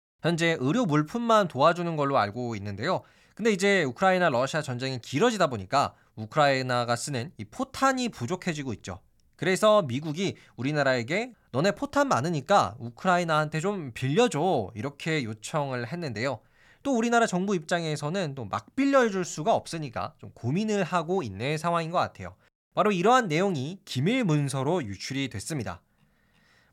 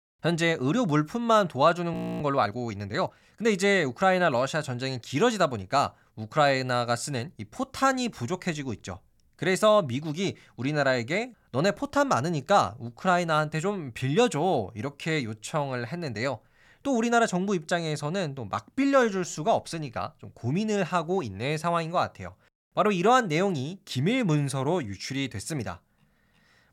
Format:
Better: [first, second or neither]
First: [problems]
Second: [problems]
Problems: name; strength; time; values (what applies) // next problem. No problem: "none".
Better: first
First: none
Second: audio freezing; at 2 s